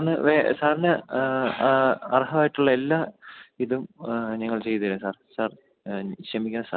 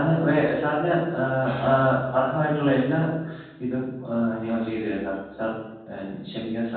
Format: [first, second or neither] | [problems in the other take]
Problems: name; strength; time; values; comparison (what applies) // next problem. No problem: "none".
first | room echo; dies away in 1.2 s